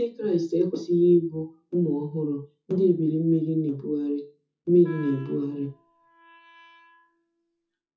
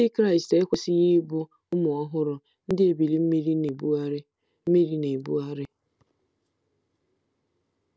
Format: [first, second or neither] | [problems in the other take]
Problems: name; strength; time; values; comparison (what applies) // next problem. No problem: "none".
second | noise reduction (classical method WPE with log-MMSE)